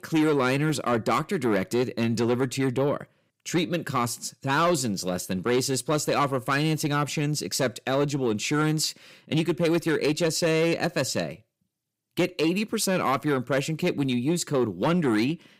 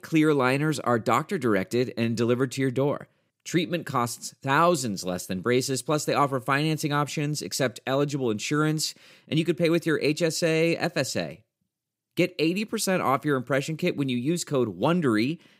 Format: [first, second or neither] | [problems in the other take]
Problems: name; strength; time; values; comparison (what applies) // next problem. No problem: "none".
second | distortion; slight; 10 dB below the speech